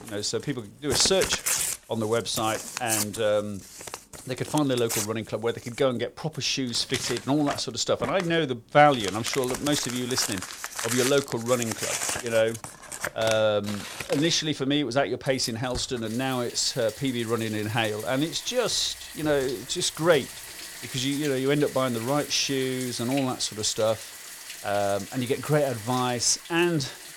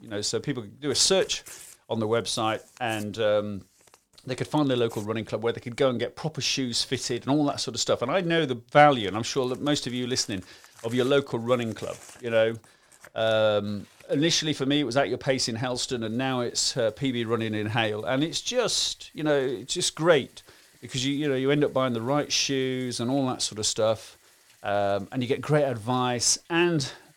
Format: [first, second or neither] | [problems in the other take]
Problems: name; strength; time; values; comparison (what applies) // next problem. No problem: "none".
second | household noises; loud; throughout; 8 dB below the speech; faint in the second